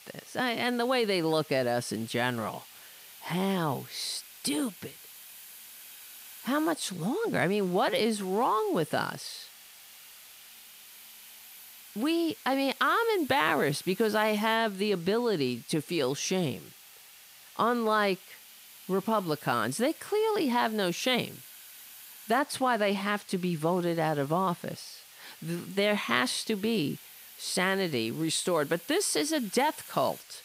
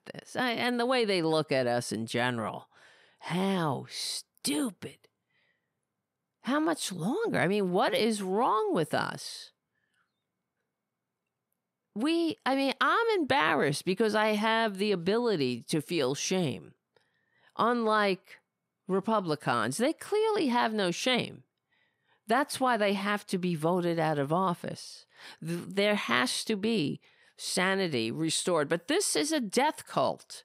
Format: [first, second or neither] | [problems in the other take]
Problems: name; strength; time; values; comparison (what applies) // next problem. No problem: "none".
second | hiss; noticeable; throughout; 20 dB below the speech